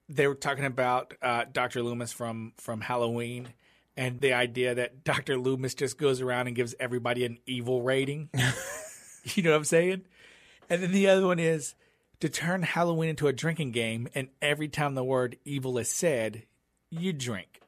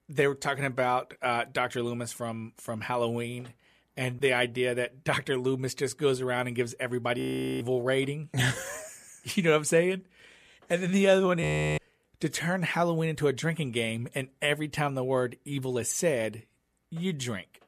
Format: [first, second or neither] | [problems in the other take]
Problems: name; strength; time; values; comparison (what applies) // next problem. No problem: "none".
first | audio freezing; at 7 s and at 11 s